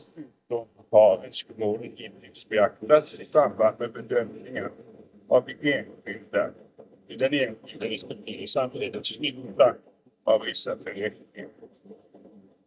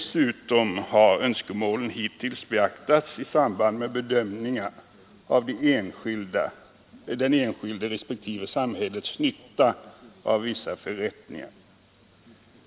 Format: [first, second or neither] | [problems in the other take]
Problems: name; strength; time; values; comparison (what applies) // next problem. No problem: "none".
second | noise reduction (neural mask model DeepFilterNet 3)